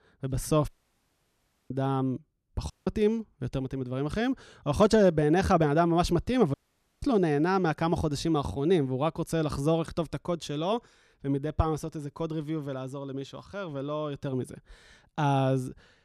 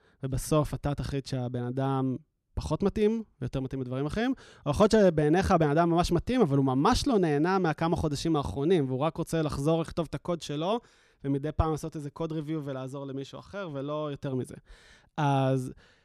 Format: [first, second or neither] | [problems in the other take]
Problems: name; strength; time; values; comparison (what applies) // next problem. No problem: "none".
second | audio cutting out; at 0.5 s for 1 s, at 2.5 s and at 6.5 s